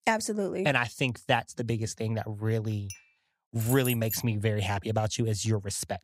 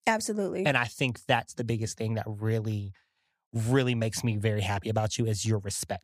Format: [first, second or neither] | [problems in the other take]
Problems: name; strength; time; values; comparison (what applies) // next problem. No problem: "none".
second | clattering dishes; faint; at 3 s; peak 15 dB below the speech // jangling keys; noticeable; at 3.5 s; peak 5 dB below the speech